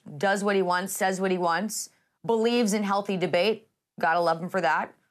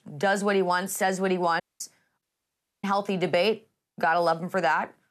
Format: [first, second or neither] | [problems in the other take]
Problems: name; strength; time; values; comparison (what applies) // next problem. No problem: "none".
first | audio cutting out; at 1.5 s and at 2 s for 0.5 s